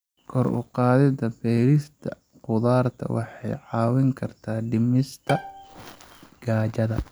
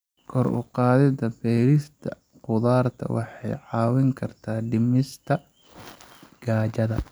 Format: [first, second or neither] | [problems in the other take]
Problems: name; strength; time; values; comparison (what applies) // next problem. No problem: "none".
second | background sound (Bowed string instrument); 14 dB below the speech